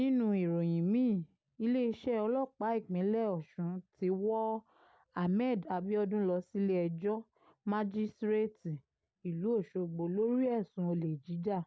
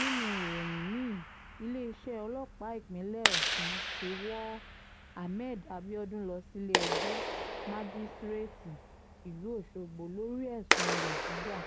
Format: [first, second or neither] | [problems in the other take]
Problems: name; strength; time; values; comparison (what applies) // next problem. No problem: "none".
first | background sound (Clapping); 3 dB above the speech